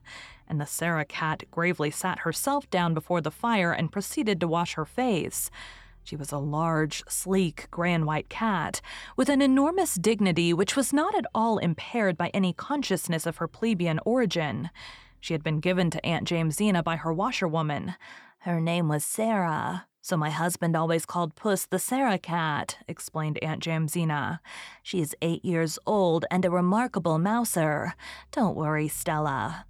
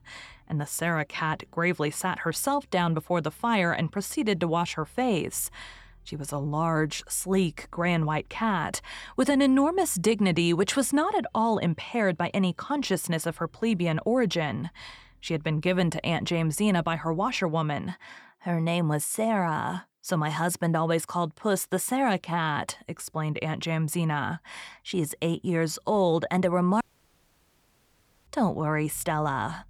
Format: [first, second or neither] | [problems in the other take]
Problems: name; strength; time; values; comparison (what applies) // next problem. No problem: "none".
first | audio cutting out; at 27 s for 1.5 s